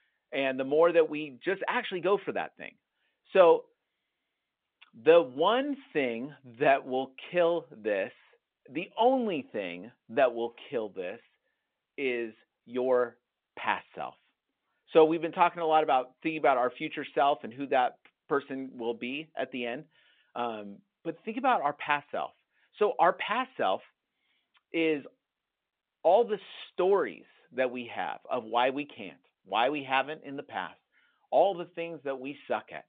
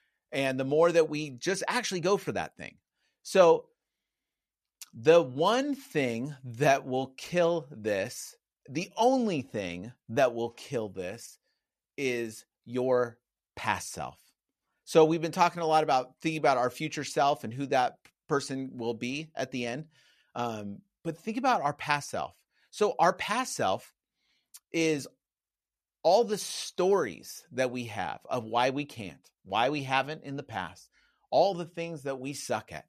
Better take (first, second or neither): second